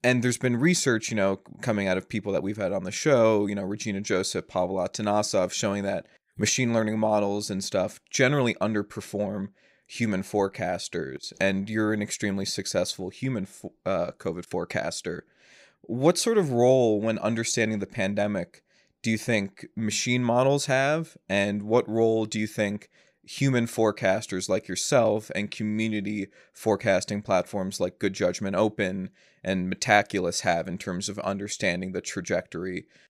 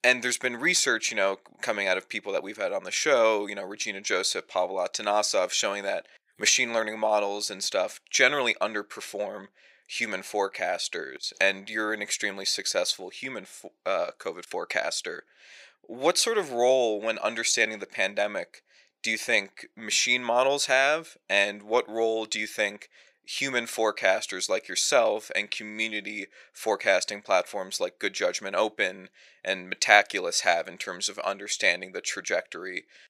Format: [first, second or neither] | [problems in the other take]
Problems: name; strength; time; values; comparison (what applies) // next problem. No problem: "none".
first | thin; somewhat; fading below 550 Hz